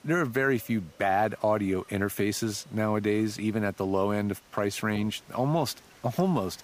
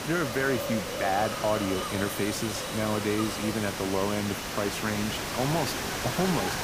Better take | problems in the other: first | hiss; loud; throughout; 2 dB below the speech; faint in the first

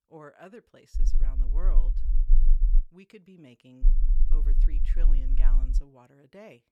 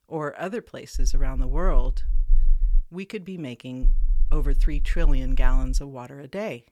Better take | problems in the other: second | low rumble; loud; from 1 to 3 s and from 4 to 6 s; 5 dB below the speech; faint in the second

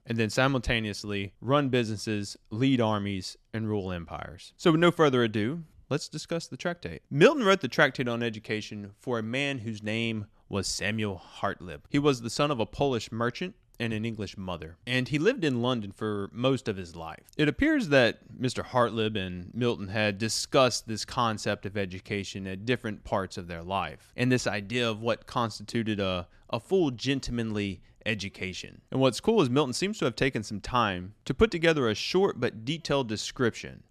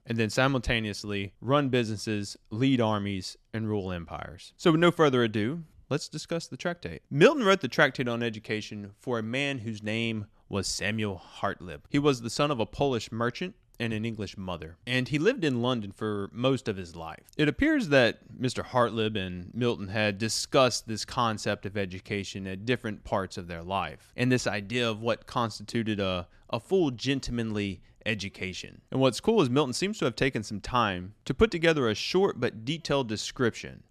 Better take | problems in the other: neither | none

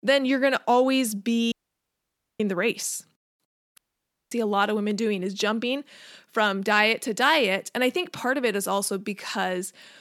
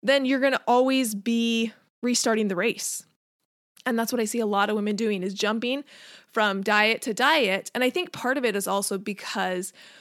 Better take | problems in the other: second | audio cutting out; at 1.5 s for 1 s and at 4 s for 0.5 s

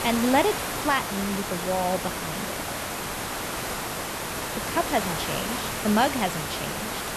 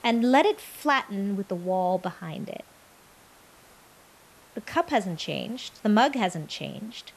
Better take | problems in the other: second | hiss; loud; throughout; 2 dB below the speech; faint in the second

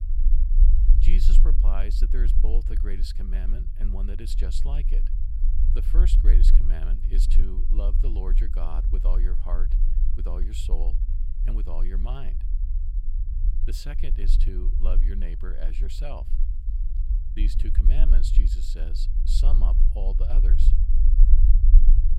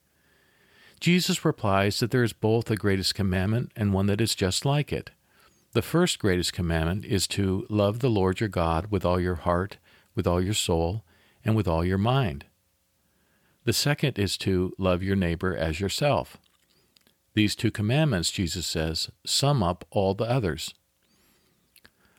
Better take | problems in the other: second | low rumble; loud; throughout; 6 dB below the speech

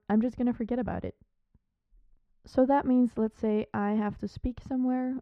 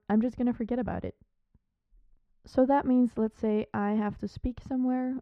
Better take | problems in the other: neither | muffled; very; fading above 3.5 kHz; the same in both

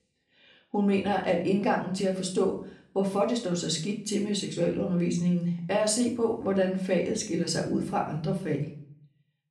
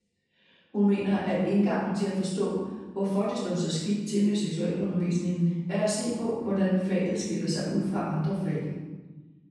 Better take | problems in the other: first | room echo; strong; dies away in 1.2 s; slight in the first // off-mic speech; far; somewhat distant in the first

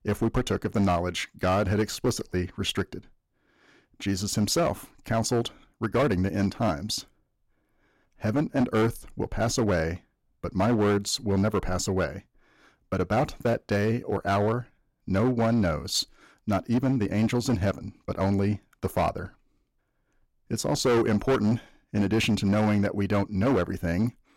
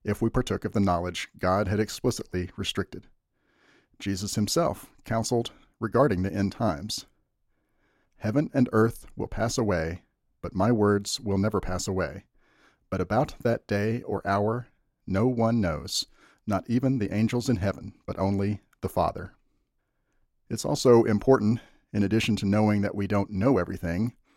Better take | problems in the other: second | distortion; slight; 8% of the sound clipped

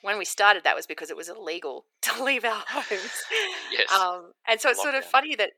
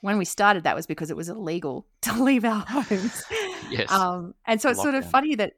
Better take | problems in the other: second | thin; very; fading below 450 Hz

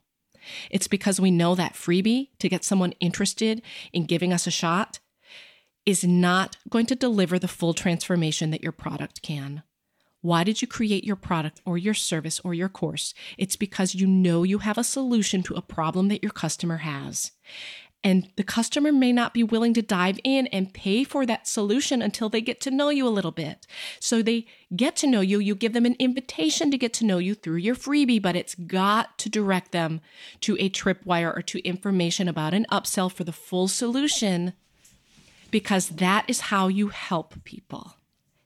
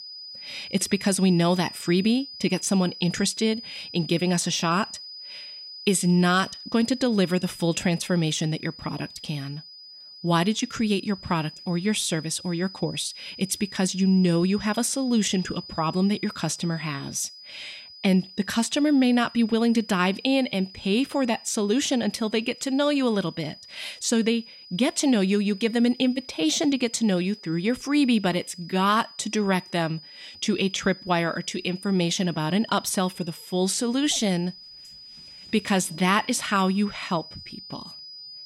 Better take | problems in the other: first | high-pitched whine; noticeable; throughout; 5 kHz, 15 dB below the speech

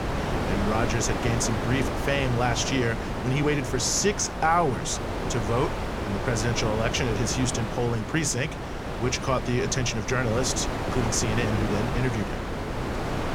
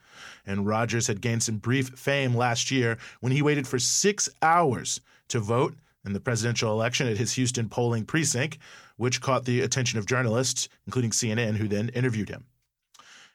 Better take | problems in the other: second | wind noise on the microphone; heavy; 4 dB below the speech

